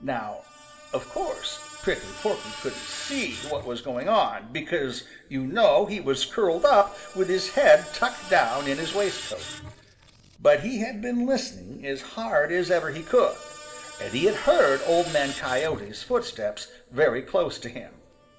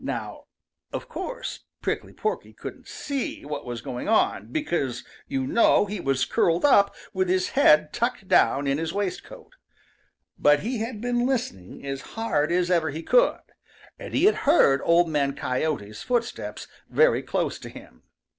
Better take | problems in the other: second | background sound (Screech); 17 dB below the speech // room echo; dies away in 2.1 s

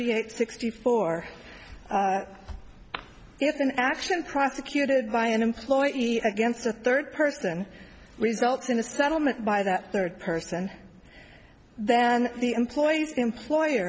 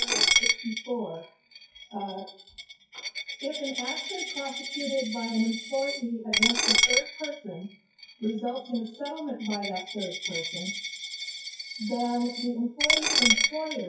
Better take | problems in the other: first | noise reduction (classical method WPE with log-MMSE)

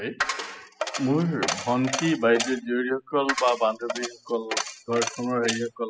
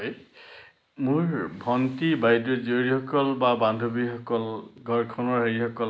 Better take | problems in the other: second | noise reduction (classical method spectral subtraction)

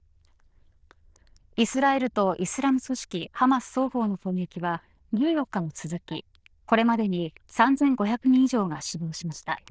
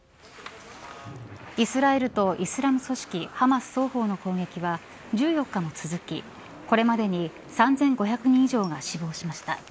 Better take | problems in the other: second | noise reduction (neural diffusion model UNIVERSE++)

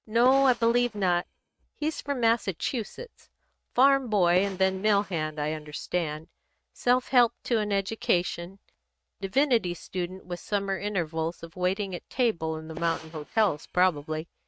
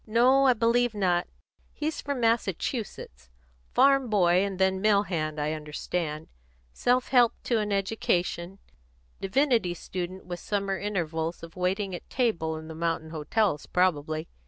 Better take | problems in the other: second | noise reduction (neural mask model RNNoise)

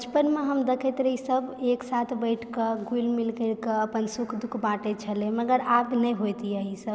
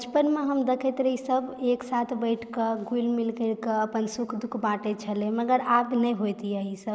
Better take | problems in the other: first | noise reduction (neural mask model Resemble Enhance denoiser)

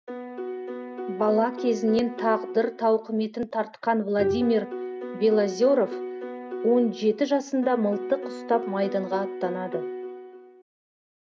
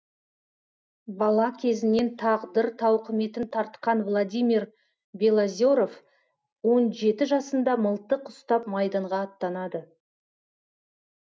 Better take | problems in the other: second | background sound (Piano + Bowed string instrument); 8 dB below the speech

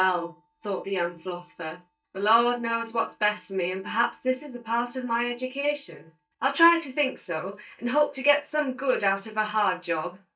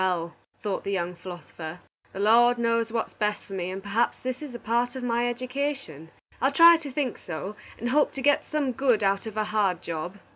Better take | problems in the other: second | noise reduction (neural mask model DeepFilterNet 3)

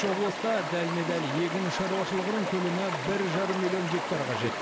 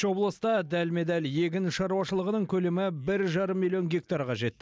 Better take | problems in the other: second | background sound (Stream); 3 dB below the speech

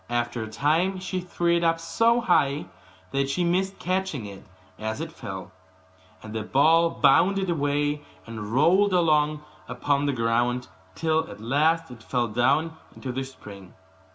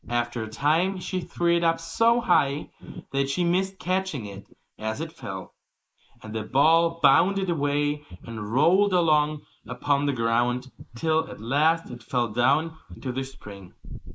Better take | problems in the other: first | noise reduction (neural mask model Resemble Enhance denoiser)

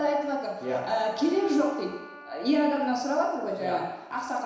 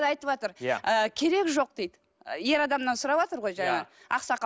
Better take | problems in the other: second | background sound (Wind instrument, woodwind instrument); 20 dB below the speech // room echo; dies away in 1 s

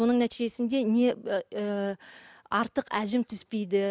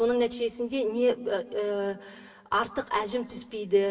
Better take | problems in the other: first | room echo; dies away in 2.8 s

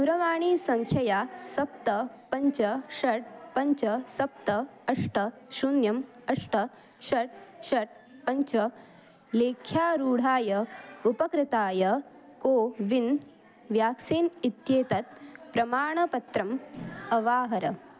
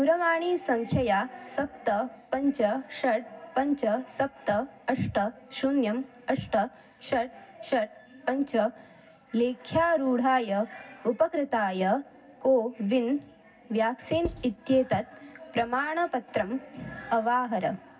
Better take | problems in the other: first | background sound (Writing); 12 dB below the speech // room echo; dies away in 0.4 s

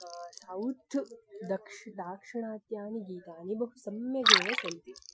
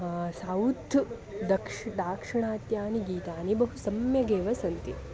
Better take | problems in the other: second | noise reduction (classical method Wiener filter)

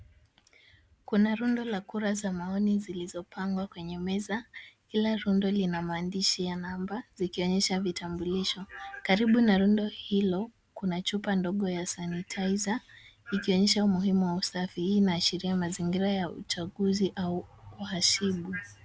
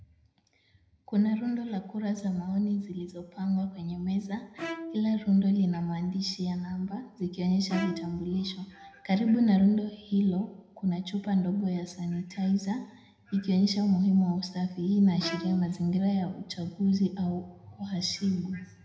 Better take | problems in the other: first | background sound (Bowed string instrument); 14 dB below the speech // room echo; dies away in 0.8 s

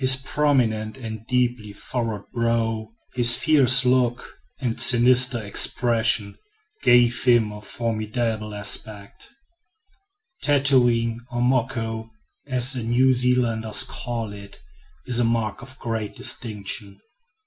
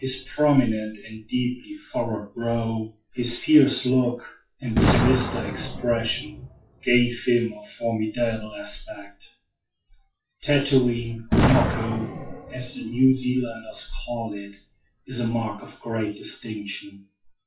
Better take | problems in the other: first | noise reduction (classical method WPE with log-MMSE)

